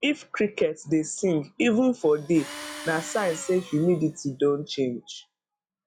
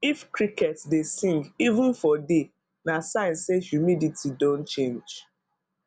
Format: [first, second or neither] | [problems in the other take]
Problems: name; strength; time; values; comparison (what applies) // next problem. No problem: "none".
second | noise reduction (classical method log-MMSE)